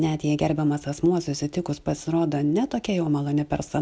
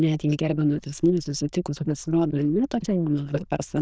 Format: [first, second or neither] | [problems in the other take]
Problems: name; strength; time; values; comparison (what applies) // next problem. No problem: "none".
first | noise reduction (neural diffusion model UNIVERSE++)